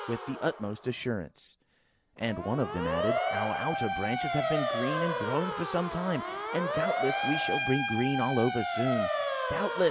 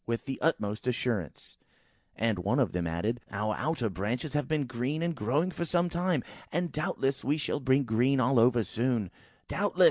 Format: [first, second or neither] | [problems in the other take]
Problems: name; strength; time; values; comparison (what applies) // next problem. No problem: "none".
second | background sound (Motor vehicle (road) / Siren); 1 dB below the speech